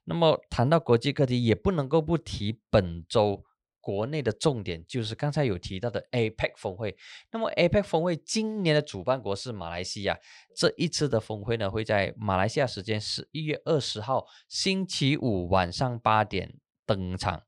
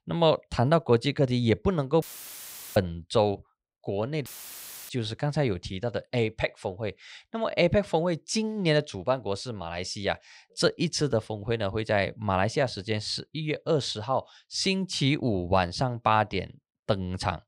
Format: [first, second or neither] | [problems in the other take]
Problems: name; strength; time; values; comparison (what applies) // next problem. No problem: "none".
first | audio cutting out; filled with static; at 2 s for 0.5 s and at 4.5 s for 0.5 s